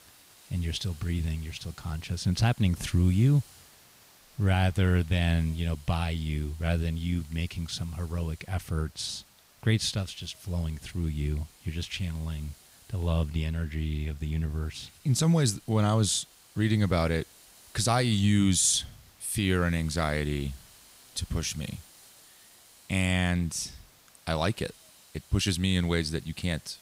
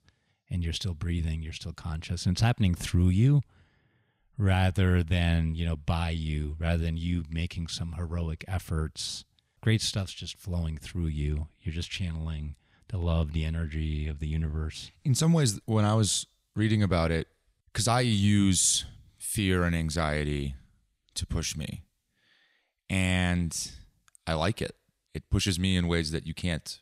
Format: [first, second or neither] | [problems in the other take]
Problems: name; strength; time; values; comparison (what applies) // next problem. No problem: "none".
second | hiss; faint; throughout; 25 dB below the speech